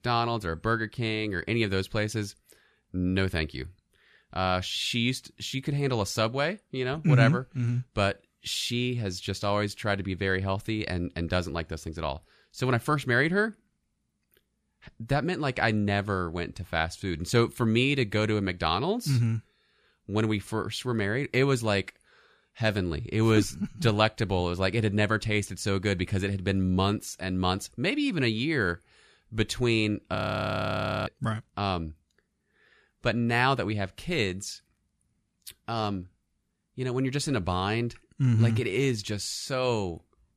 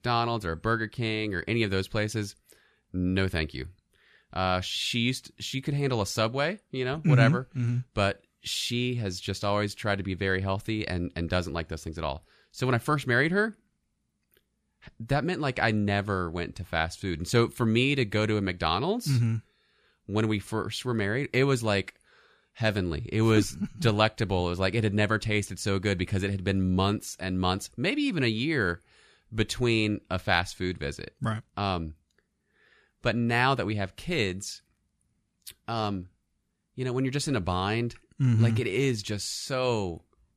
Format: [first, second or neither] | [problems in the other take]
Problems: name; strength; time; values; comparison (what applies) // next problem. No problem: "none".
second | audio freezing; at 30 s for 1 s